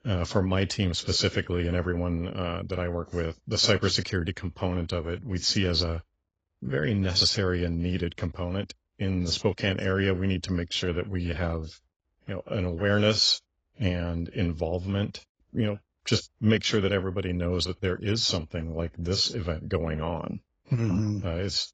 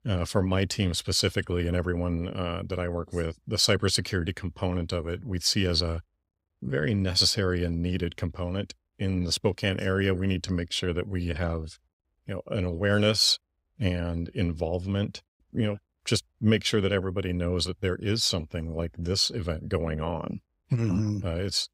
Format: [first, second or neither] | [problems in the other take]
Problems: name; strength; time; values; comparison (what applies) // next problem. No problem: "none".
second | garbled, watery; badly; nothing above 7.5 kHz